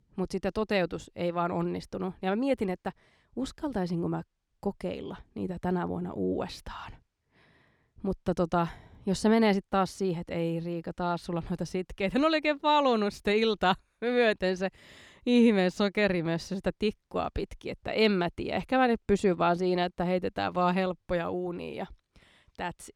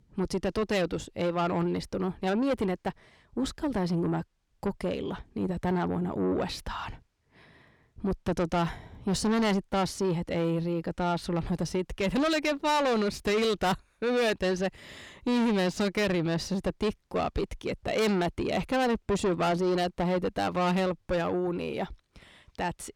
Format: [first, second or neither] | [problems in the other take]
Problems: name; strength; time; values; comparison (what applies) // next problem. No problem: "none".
first | distortion; heavy; 7 dB below the speech